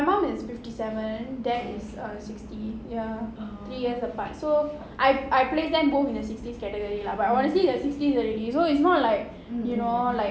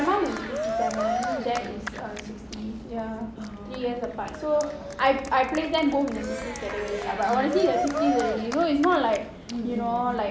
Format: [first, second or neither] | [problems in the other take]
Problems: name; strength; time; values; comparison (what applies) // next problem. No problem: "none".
first | background sound (Cheering); 7 dB below the speech